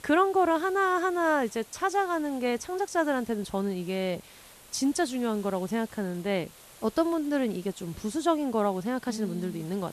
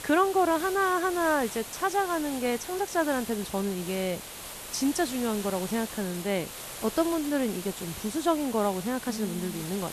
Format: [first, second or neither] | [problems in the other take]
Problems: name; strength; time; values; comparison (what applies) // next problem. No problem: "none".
first | hiss; loud; throughout; 9 dB below the speech; faint in the first